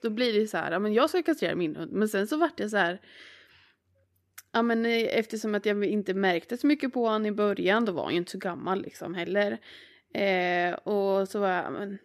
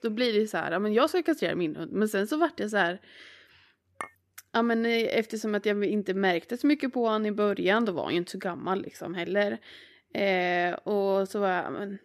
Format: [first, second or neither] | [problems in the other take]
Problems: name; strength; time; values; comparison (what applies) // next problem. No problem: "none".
first | clattering dishes; faint; at 4 s; peak 15 dB below the speech